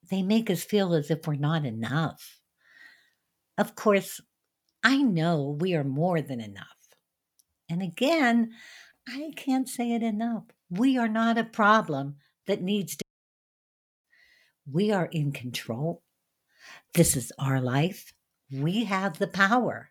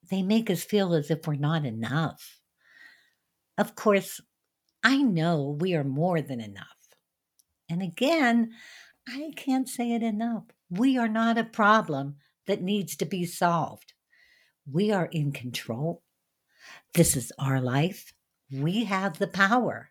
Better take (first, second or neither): second